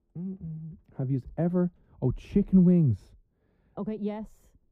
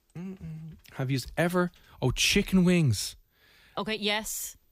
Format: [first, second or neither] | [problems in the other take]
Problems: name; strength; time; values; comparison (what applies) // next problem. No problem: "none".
second | muffled; very; fading above 1.5 kHz